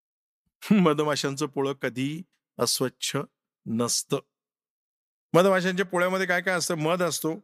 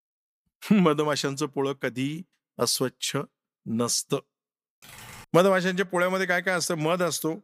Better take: first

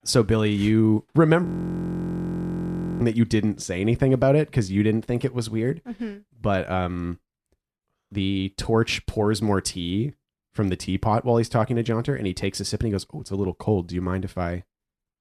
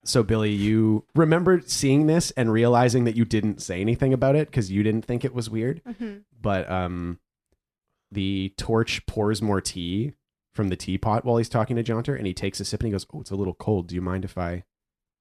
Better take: second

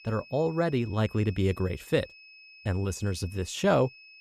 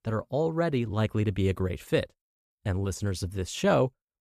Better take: second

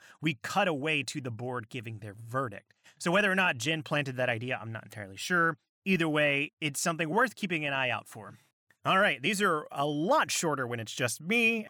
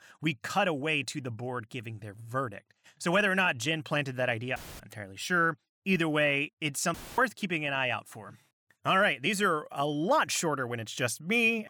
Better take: first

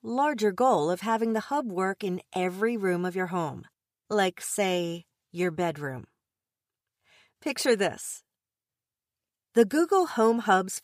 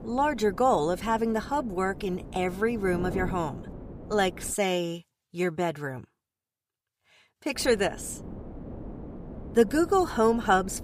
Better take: first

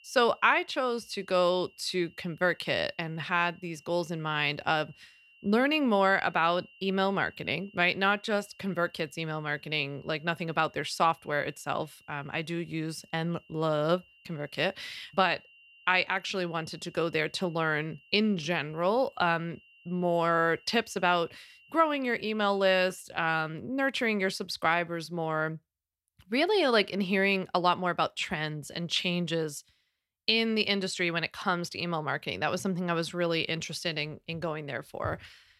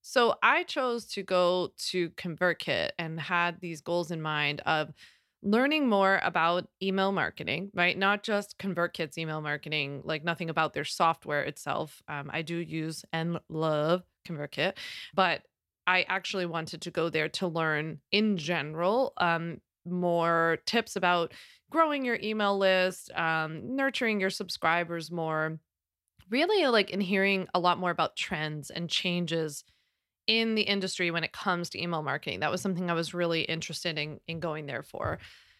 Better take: second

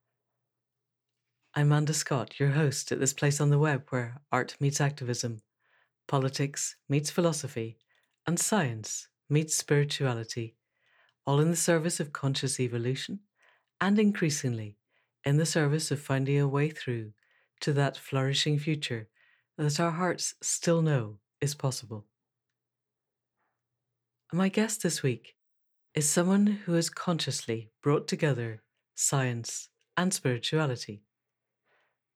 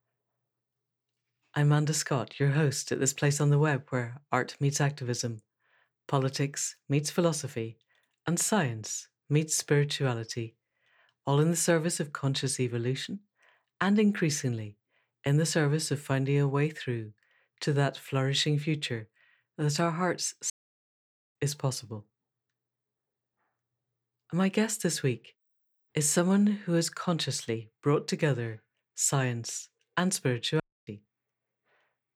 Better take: first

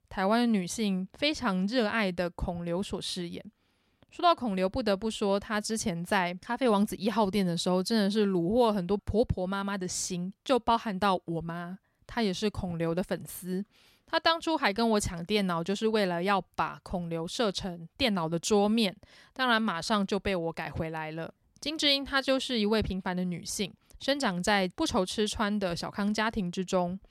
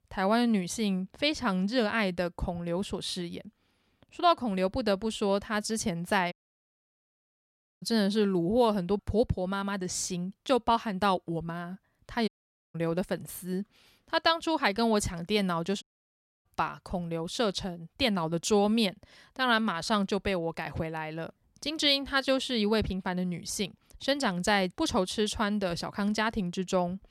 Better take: first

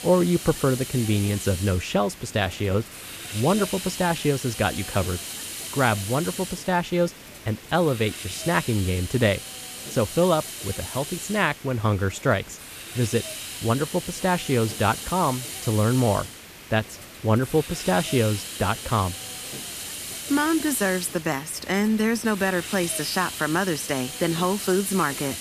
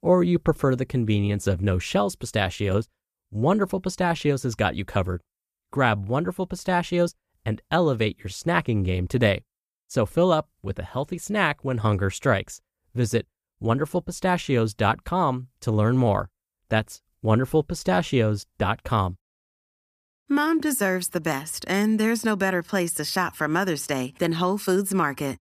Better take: second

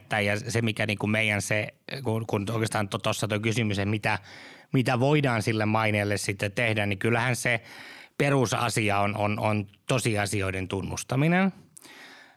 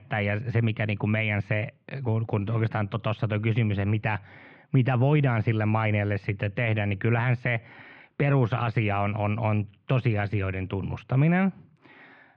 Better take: first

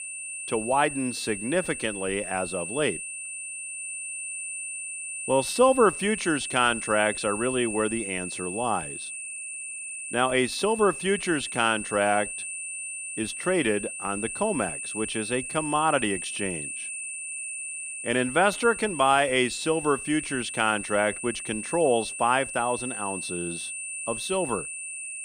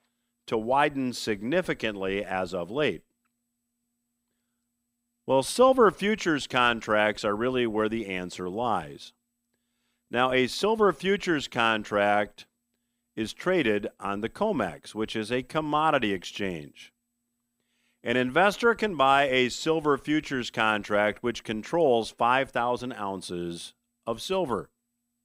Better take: second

